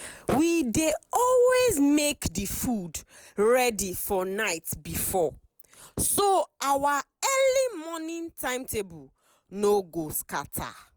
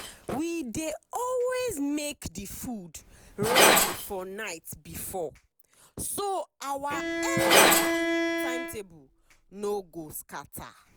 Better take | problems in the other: first | background sound (Bowed string instrument + Glass); 5 dB above the speech

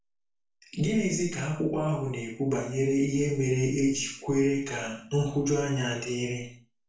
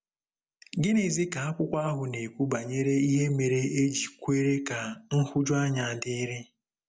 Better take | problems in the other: second | room echo; dies away in 0.4 s

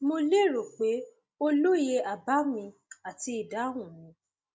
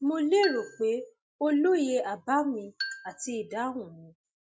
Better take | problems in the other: first | noise reduction (classical method Wiener filter)

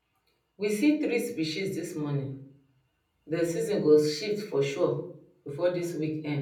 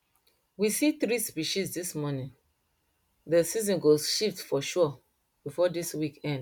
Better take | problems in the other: second | room echo; dies away in 0.6 s

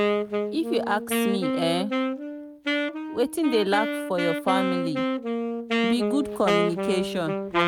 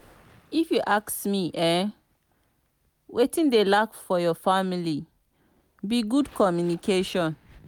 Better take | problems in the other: second | background sound (Wind instrument, woodwind instrument); 1 dB above the speech

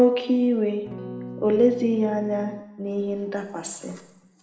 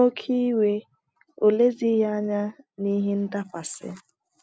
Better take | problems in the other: second | background sound (Electric guitar / Strum); 14 dB below the speech // room echo; dies away in 0.8 s

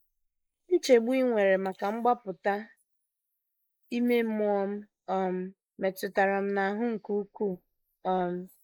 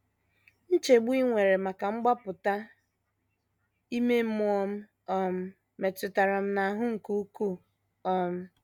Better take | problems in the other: second | noise reduction (neural mask model Resemble Enhance denoiser)

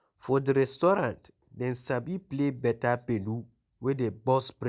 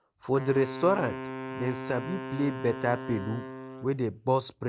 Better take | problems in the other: first | background sound (Wind instrument, woodwind instrument); 9 dB below the speech

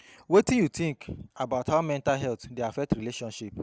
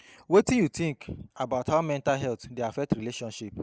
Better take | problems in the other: first | noise reduction (neural mask model Resemble Enhance denoiser)

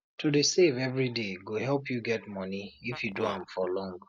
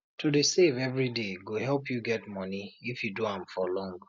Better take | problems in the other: second | background sound (Fart); 15 dB below the speech

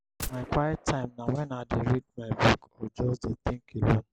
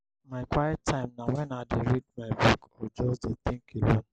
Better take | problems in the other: second | background sound (Gunshot, gunfire); 16 dB below the speech

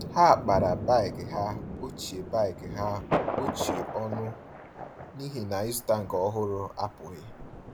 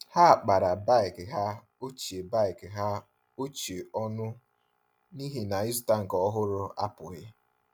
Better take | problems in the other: second | background sound (Thunder); 7 dB below the speech

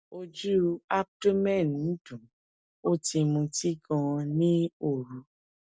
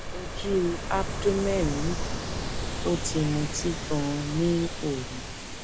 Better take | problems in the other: first | background sound (Ocean); 3 dB below the speech

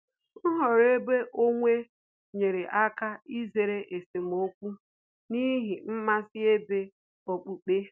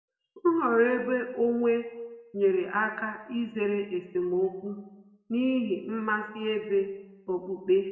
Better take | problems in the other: first | room echo; dies away in 1 s

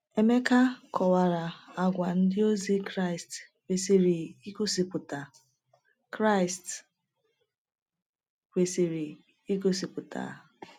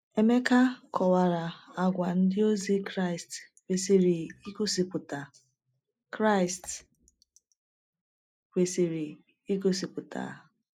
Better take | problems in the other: first | noise reduction (neural mask model Resemble Enhance denoiser)

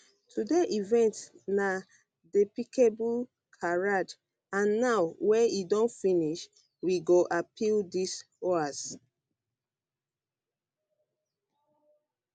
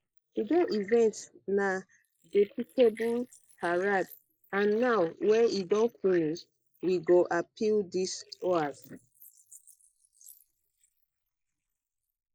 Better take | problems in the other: first | noise reduction (neural mask model Resemble Enhance denoiser)

